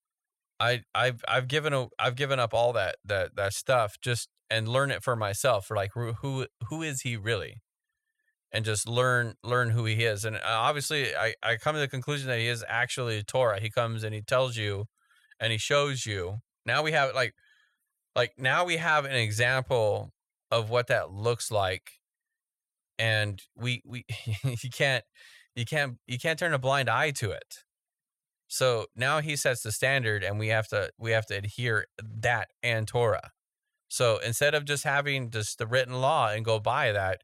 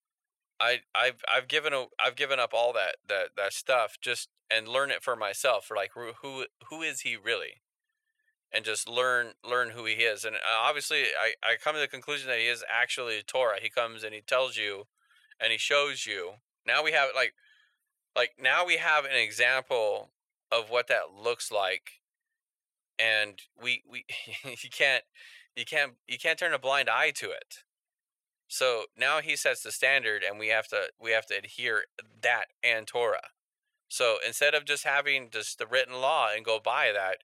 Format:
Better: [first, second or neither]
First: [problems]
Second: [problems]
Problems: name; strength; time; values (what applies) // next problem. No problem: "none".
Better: first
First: none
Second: thin; very; fading below 450 Hz